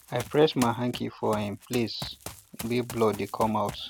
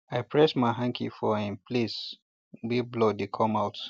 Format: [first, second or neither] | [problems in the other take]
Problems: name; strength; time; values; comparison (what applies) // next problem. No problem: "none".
second | background sound (Run); 14 dB below the speech